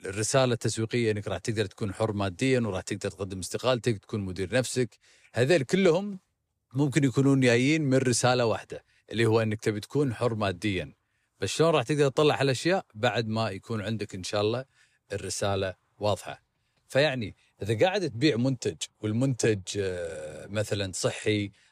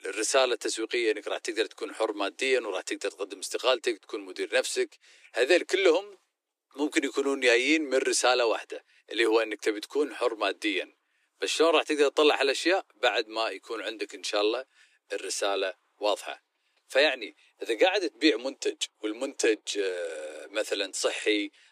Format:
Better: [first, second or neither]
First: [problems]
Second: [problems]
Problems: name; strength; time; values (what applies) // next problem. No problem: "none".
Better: first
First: none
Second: thin; very; fading below 300 Hz